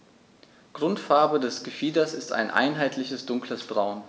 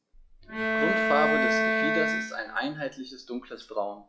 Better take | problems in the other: first | noise reduction (classical method log-MMSE)

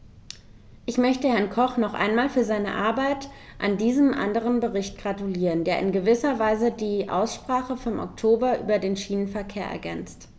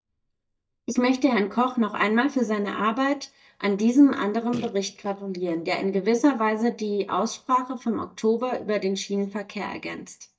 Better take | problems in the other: first | noise reduction (neural mask model DeepFilterNet 3)

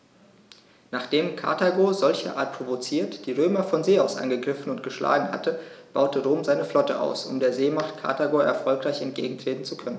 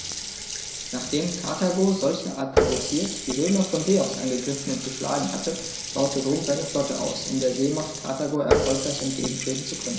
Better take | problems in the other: first | background sound (Water tap, faucet); 4 dB below the speech // room echo; dies away in 0.5 s

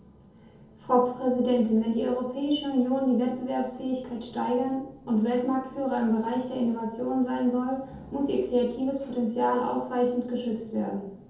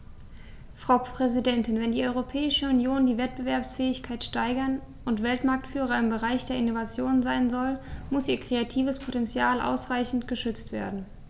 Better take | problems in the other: second | room echo; dies away in 0.7 s

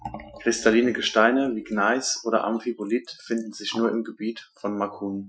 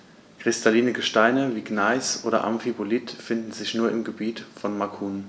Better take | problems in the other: second | noise reduction (classical method Wiener filter)

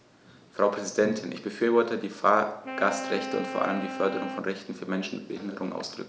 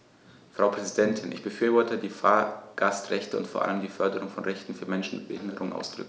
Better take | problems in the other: second | background sound (Wind instrument, woodwind instrument); 9 dB below the speech

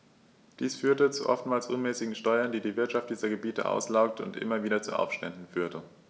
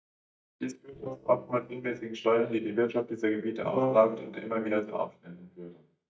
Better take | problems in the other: first | noise reduction (neural mask model DeepFilterNet 3)

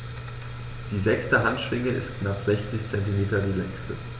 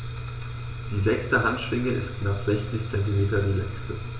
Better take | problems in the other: first | room echo; dies away in 0.2 s

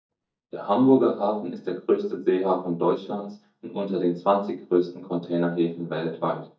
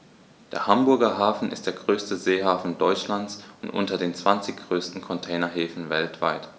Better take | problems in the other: second | noise reduction (neural mask model DeepFilterNet 3)

